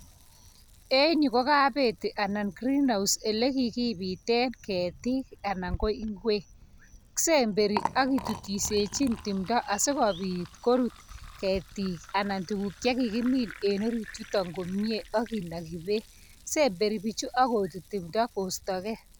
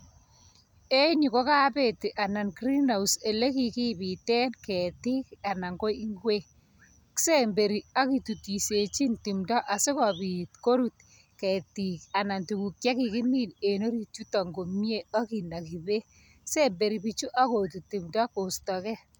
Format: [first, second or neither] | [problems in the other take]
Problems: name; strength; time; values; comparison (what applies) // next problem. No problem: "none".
second | background sound (Liquid); 16 dB below the speech